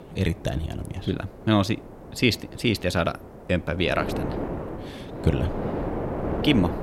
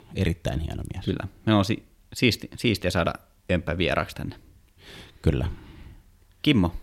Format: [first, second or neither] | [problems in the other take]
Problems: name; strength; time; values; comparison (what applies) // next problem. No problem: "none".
second | wind noise on the microphone; heavy; 7 dB below the speech